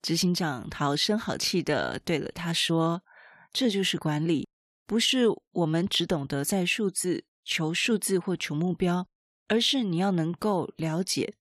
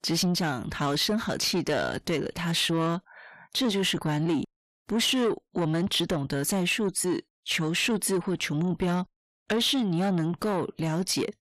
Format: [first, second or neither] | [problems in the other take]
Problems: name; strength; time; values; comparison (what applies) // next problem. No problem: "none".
first | distortion; slight; 10 dB below the speech